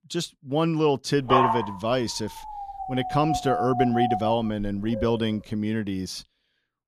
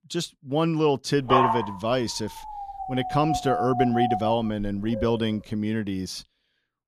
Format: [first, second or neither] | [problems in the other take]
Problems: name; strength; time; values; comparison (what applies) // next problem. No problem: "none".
neither | dog barking; loud; from 1.5 to 5 s; peak 4 dB above the speech; the same in both